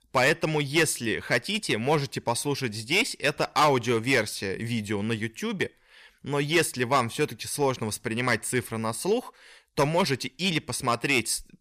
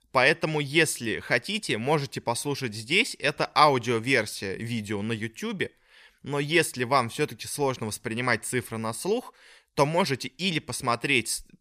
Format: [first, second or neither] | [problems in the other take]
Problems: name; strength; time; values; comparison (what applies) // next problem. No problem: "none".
second | distortion; slight; 3% of the sound clipped